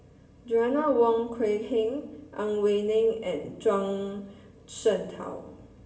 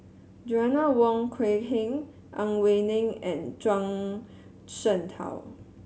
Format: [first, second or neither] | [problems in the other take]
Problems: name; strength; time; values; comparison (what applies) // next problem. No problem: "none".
second | room echo; dies away in 0.8 s